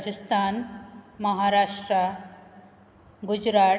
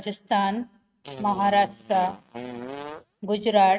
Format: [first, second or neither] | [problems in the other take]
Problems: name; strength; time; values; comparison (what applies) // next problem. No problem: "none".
first | noise reduction (neural mask model RNNoise)